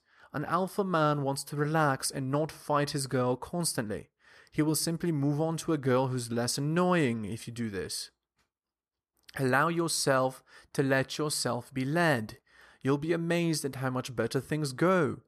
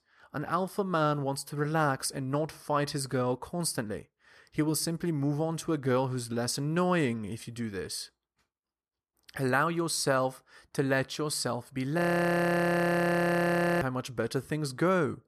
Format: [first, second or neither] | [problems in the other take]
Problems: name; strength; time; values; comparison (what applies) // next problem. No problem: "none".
first | audio freezing; at 12 s for 2 s